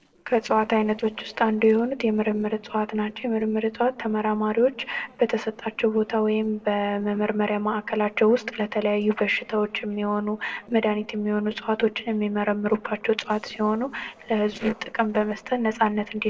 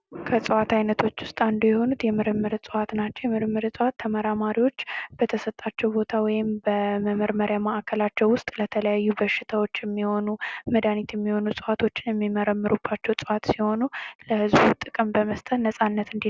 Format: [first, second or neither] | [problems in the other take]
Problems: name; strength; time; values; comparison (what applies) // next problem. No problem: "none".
second | noise reduction (neural separator model SepFormer DNS4)